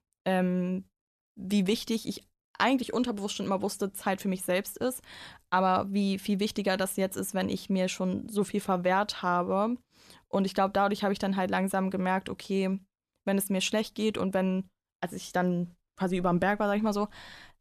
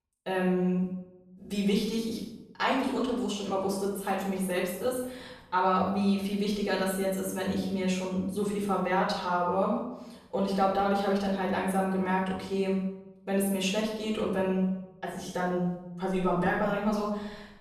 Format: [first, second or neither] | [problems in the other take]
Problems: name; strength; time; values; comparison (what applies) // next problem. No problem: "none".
first | off-mic speech; far // room echo; noticeable; dies away in 0.8 s